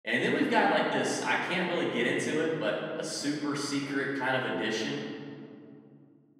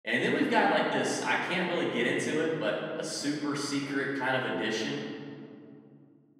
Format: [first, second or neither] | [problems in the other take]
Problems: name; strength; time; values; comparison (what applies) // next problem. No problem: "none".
neither | off-mic speech; far; the same in both // room echo; noticeable; dies away in 2.1 s; the same in both